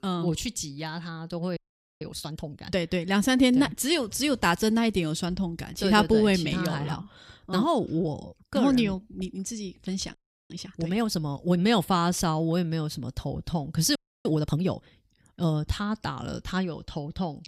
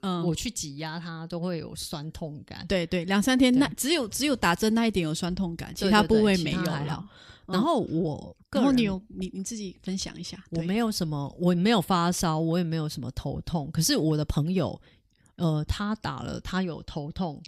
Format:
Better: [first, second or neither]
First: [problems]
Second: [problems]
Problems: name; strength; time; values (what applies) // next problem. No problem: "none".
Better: second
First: audio freezing; at 1.5 s, at 10 s and at 14 s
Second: none